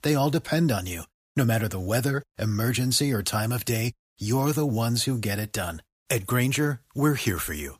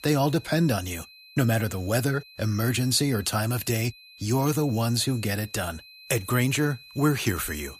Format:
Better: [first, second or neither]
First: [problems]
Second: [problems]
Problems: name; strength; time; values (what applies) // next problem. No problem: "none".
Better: first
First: none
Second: high-pitched whine; faint; throughout; 4 kHz, 20 dB below the speech